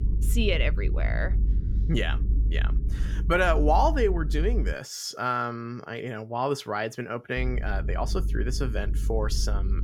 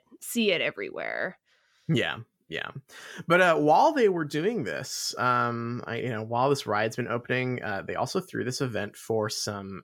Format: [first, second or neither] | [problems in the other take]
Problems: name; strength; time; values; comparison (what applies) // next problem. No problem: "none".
second | low rumble; noticeable; until 4.5 s and from 7.5 s on; 20 dB below the speech